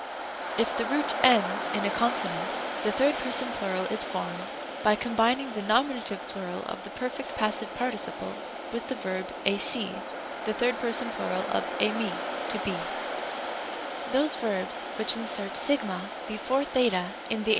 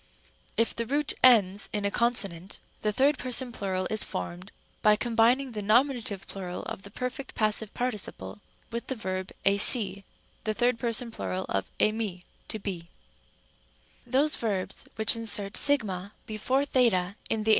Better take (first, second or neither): second